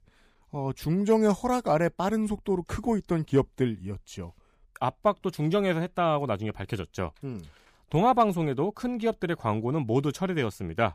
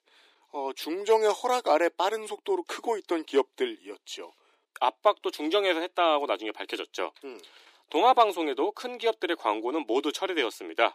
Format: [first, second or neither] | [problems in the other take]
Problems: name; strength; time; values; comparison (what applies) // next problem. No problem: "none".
first | thin; very; fading below 300 Hz